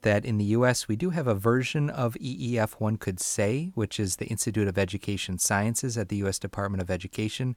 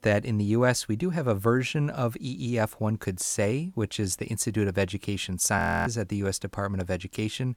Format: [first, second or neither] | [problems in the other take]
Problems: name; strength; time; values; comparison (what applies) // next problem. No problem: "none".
first | audio freezing; at 5.5 s